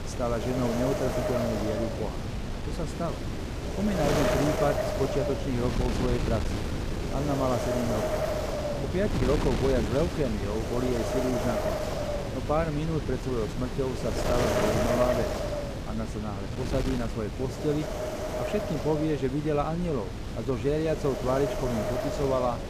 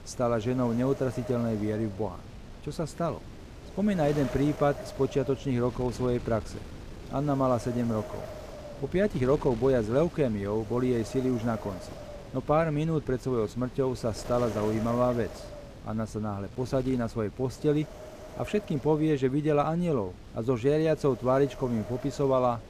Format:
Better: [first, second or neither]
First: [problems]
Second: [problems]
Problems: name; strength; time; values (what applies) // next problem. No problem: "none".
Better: second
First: wind noise on the microphone; heavy; as loud as the speech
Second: wind noise on the microphone; occasional gusts; 15 dB below the speech